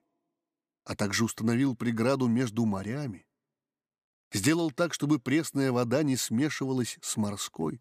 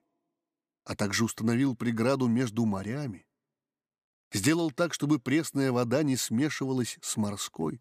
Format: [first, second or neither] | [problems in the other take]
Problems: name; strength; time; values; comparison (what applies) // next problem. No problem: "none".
neither | none